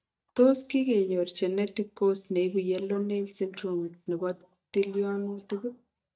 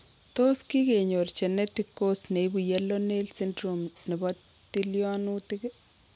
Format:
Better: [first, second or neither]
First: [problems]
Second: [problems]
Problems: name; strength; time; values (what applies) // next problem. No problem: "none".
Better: second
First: noise reduction (neural mask model DeepFilterNet 3)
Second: none